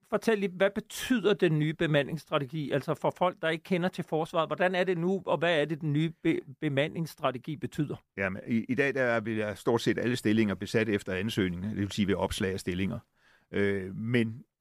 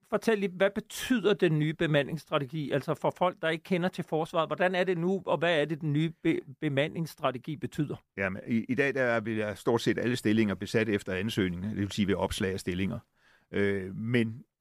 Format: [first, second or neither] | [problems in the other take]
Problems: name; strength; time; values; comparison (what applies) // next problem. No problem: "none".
neither | none